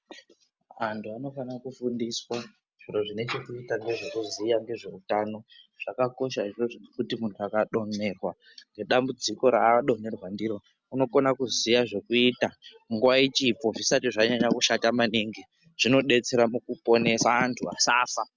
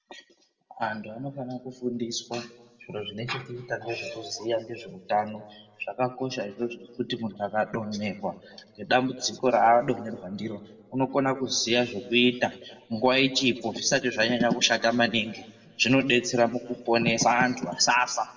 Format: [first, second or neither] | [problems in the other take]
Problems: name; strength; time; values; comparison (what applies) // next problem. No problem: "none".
first | room echo; dies away in 1.5 s